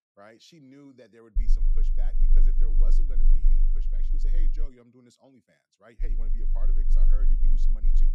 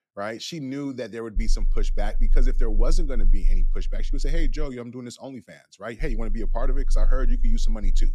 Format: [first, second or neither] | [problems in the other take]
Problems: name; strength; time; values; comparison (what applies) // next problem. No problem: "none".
second | low rumble; loud; from 1.5 to 4.5 s and from 6 s on; 5 dB below the speech; faint in the second